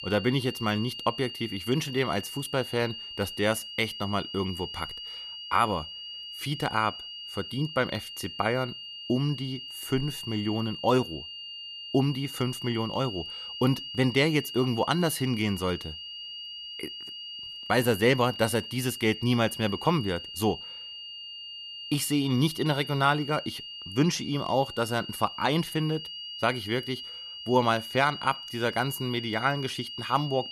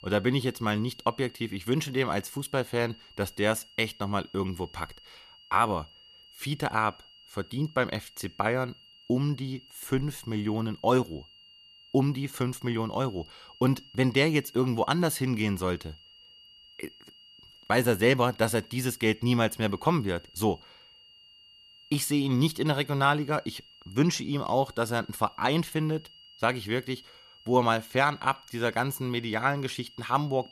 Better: second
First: high-pitched whine; loud; throughout; 3 kHz, 9 dB below the speech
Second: high-pitched whine; faint; throughout; 3 kHz, 25 dB below the speech

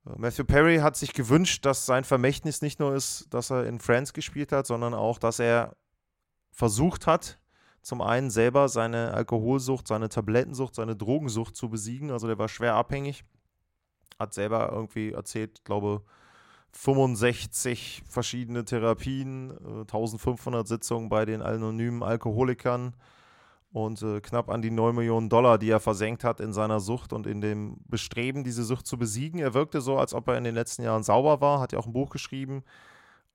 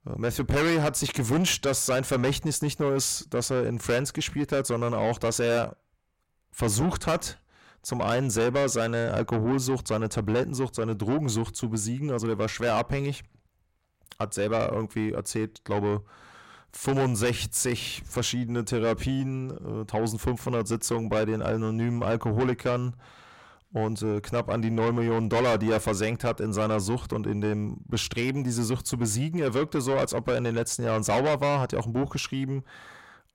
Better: first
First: none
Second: distortion; heavy; 6 dB below the speech

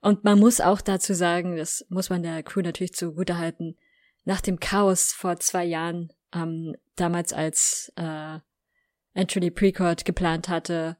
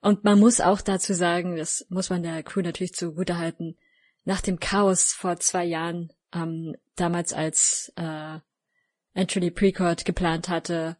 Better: first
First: none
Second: garbled, watery; slightly

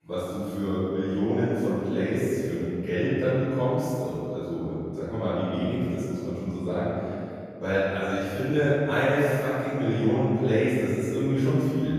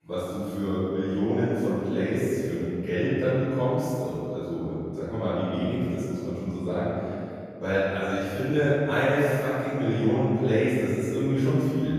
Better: neither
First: off-mic speech; far // room echo; strong; dies away in 2.5 s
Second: off-mic speech; far // room echo; strong; dies away in 2.5 s

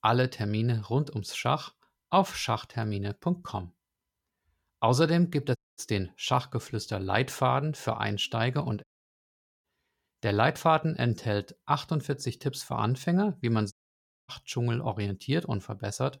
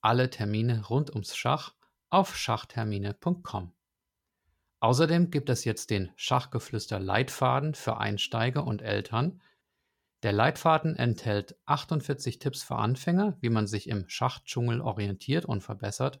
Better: second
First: audio cutting out; at 5.5 s, at 9 s for 1 s and at 14 s for 0.5 s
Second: none

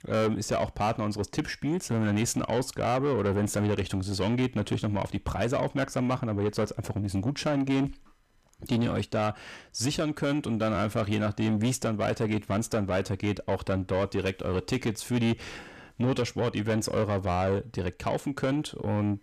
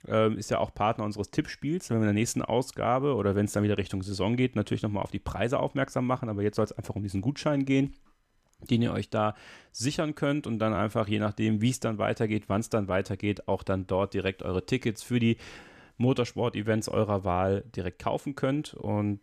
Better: second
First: distortion; slight; 10 dB below the speech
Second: none

